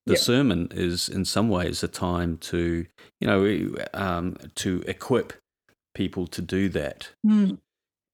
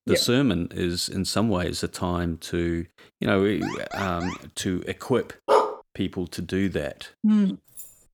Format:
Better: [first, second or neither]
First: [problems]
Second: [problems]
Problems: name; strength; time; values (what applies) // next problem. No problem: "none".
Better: first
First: none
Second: alarm; noticeable; at 3.5 s; peak 10 dB below the speech // dog barking; loud; at 5.5 s; peak 4 dB above the speech // jangling keys; faint; at 7.5 s; peak 15 dB below the speech